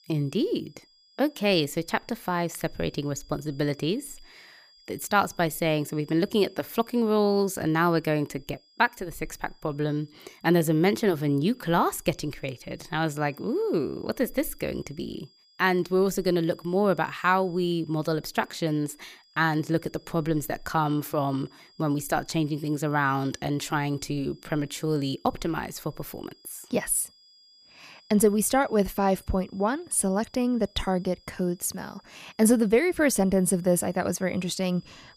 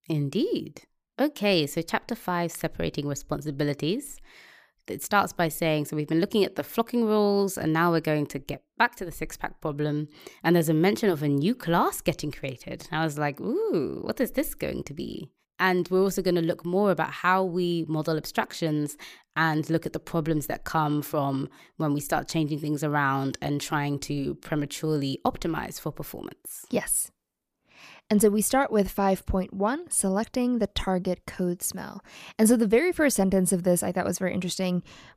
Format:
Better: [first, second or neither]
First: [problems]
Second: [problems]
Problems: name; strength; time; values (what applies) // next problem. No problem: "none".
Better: second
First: high-pitched whine; faint; throughout; 5 kHz, 30 dB below the speech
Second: none